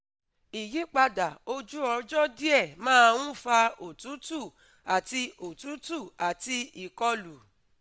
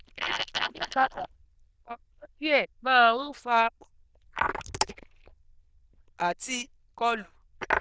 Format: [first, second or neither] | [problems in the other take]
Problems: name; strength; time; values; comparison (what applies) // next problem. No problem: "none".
first | noise reduction (neural diffusion model UNIVERSE++)